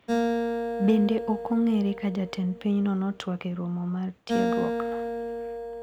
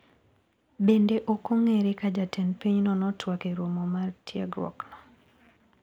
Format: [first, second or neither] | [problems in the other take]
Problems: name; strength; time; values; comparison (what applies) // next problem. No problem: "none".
second | background sound (Acoustic guitar); 3 dB below the speech